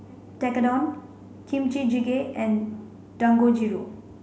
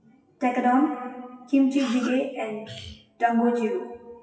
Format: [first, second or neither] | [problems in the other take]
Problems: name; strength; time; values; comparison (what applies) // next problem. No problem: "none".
first | noise reduction (classical method WPE with log-MMSE)